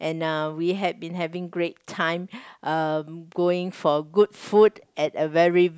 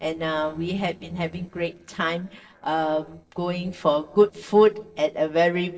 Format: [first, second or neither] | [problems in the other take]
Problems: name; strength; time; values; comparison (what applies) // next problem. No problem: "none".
first | noise reduction (neural separator model SepFormer DNS4)